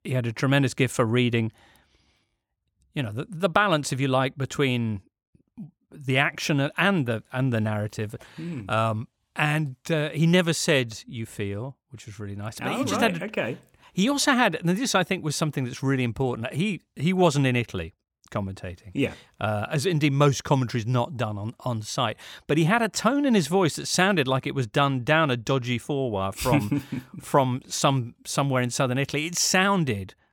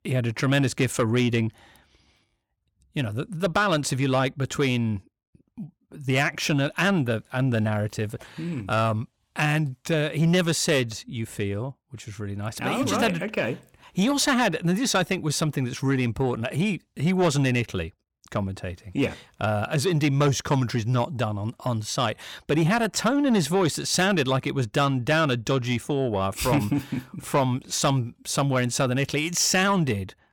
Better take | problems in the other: first | distortion; slight; 10 dB below the speech

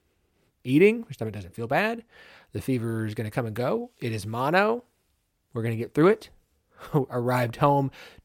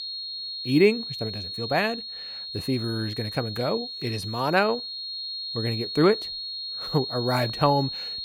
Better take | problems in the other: first | high-pitched whine; loud; throughout; 4.5 kHz, 6 dB below the speech

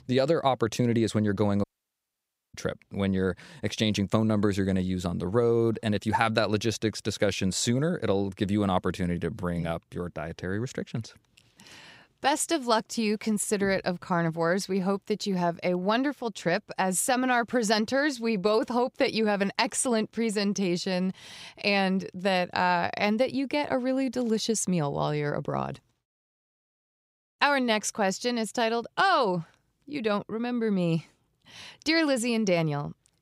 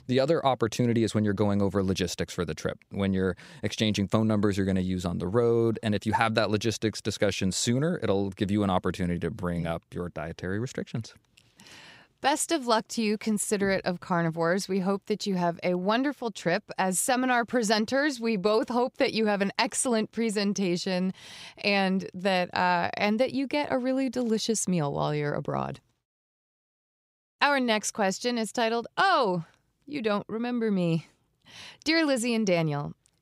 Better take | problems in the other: second | audio cutting out; at 1.5 s for 1 s

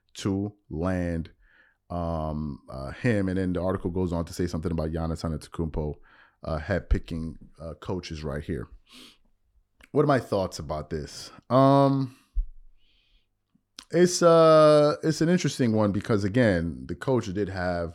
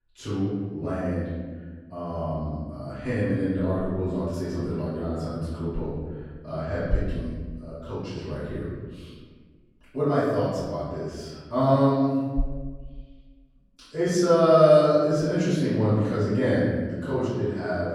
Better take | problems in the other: first | room echo; strong; dies away in 1.5 s // off-mic speech; far

